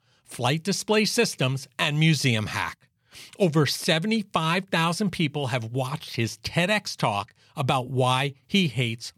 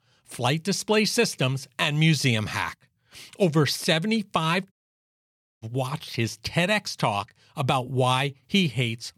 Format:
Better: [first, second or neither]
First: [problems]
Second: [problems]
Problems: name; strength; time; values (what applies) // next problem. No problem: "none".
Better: first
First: none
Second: audio cutting out; at 4.5 s for 1 s